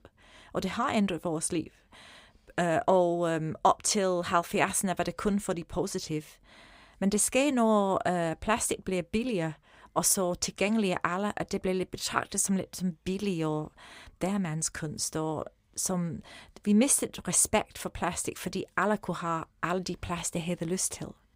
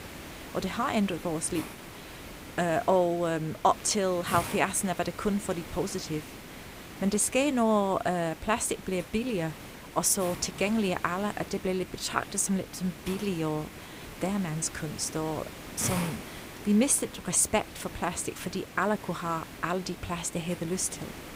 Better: first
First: none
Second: hiss; noticeable; throughout; 15 dB below the speech

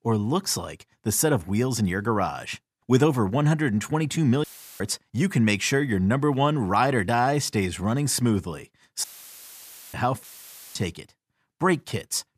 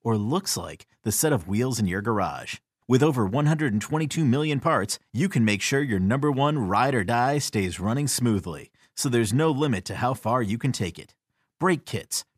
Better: second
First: audio cutting out; filled with static; at 4.5 s, at 9 s for 1 s and at 10 s for 0.5 s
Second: none

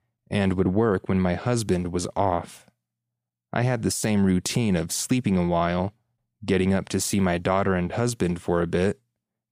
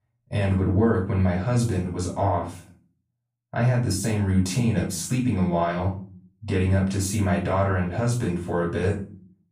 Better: first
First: none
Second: off-mic speech; far // room echo; slight; dies away in 0.4 s

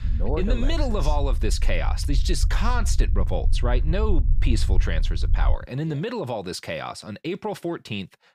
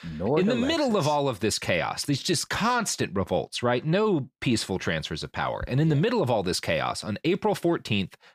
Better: second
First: low rumble; noticeable; until 5.5 s; 15 dB below the speech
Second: none

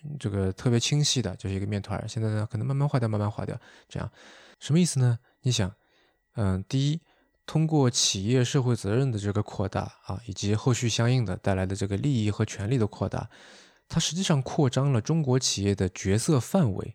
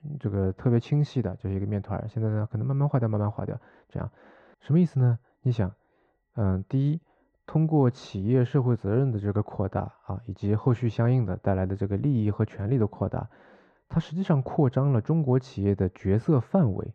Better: first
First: none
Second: muffled; very; fading above 3.5 kHz

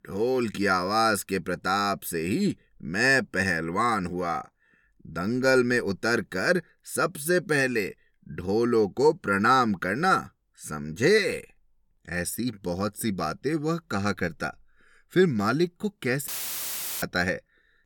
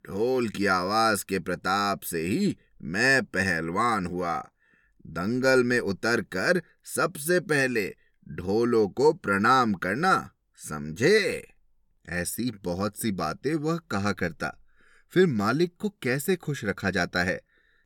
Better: second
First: audio cutting out; filled with static; at 16 s for 0.5 s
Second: none

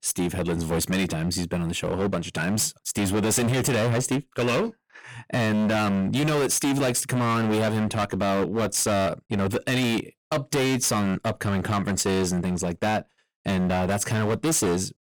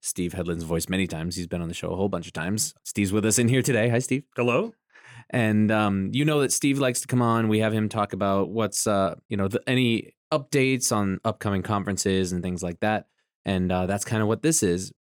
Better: second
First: distortion; heavy; 26% of the sound clipped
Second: none

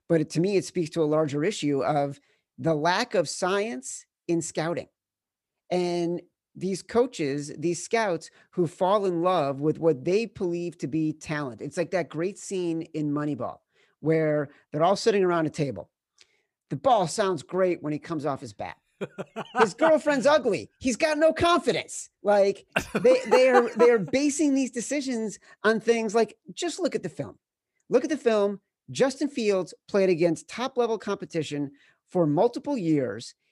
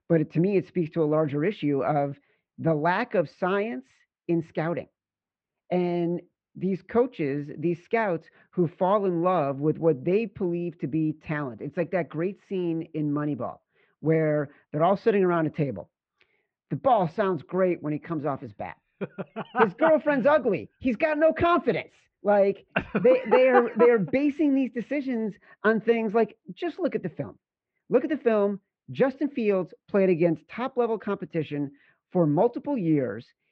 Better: first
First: none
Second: muffled; very; fading above 3 kHz

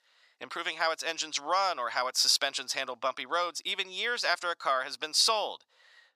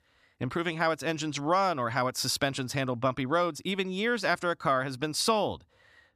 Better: second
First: thin; very; fading below 700 Hz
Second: none

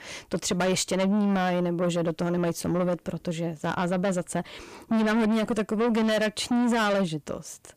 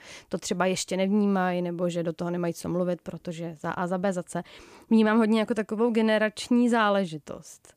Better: second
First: distortion; heavy; 7 dB below the speech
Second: none

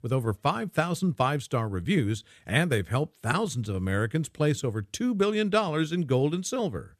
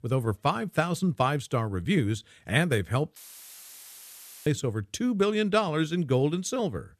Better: first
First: none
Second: audio cutting out; filled with static; at 3 s for 1.5 s

